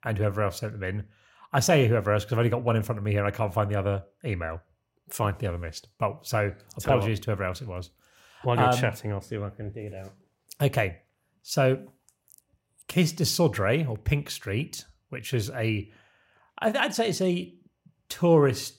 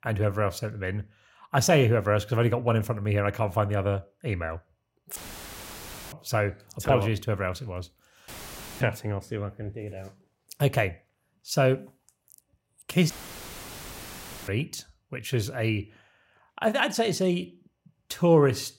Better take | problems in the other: first | audio cutting out; filled with static; at 5 s for 1 s, at 8.5 s for 0.5 s and at 13 s for 1.5 s

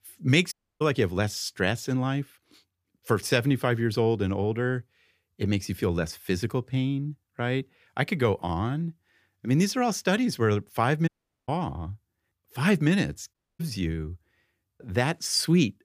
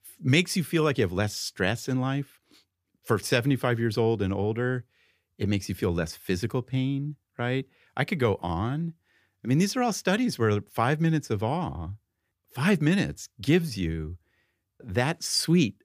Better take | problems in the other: second | audio cutting out; at 0.5 s, at 11 s and at 13 s

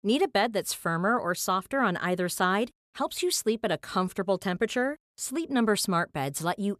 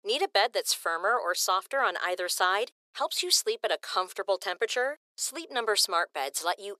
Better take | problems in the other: first | thin; very; fading below 400 Hz

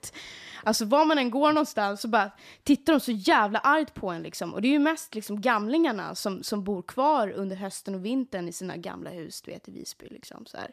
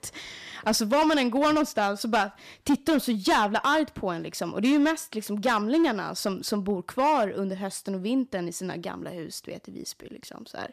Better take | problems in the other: first | distortion; slight; 5% of the sound clipped

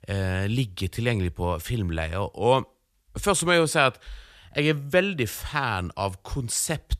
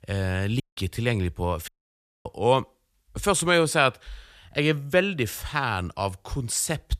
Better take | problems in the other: first | audio cutting out; at 0.5 s and at 1.5 s for 0.5 s

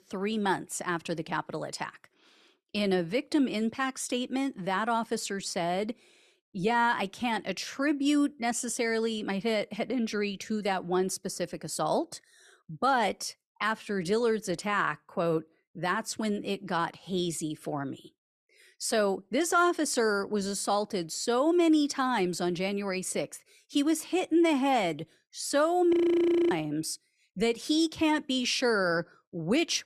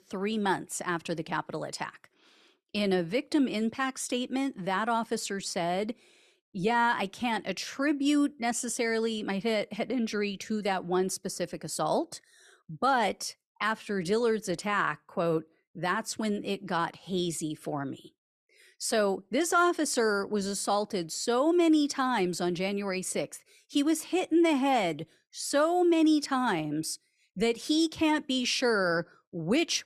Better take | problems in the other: second | audio freezing; at 26 s for 0.5 s

